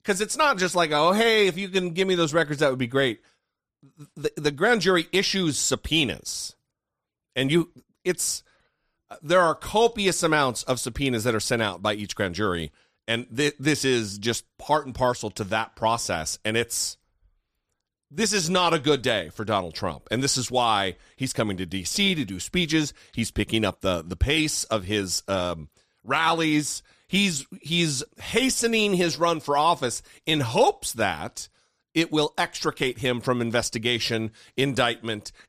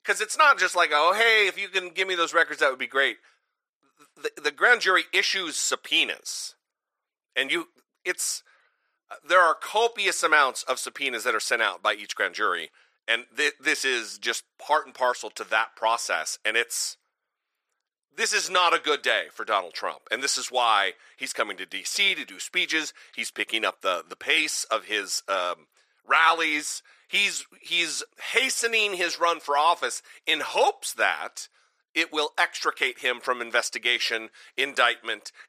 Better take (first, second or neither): first